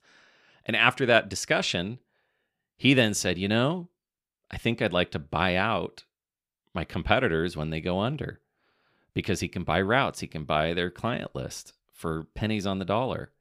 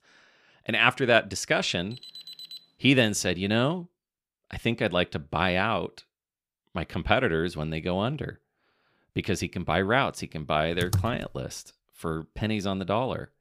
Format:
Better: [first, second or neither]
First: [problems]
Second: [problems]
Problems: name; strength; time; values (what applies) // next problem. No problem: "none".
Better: first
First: none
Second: alarm; faint; at 2 s; peak 15 dB below the speech // keyboard typing; noticeable; at 11 s; peak 3 dB below the speech